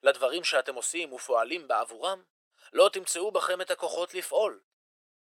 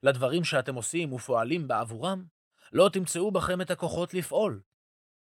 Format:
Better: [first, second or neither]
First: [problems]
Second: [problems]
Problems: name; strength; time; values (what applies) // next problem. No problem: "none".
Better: second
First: thin; very; fading below 400 Hz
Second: none